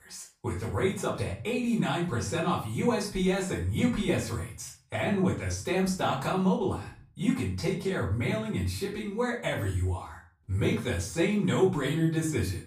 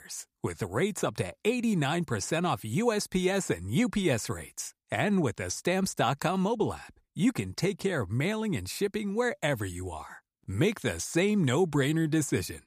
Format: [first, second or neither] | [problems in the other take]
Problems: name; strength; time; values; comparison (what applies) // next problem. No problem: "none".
second | room echo; slight; dies away in 0.4 s // off-mic speech; far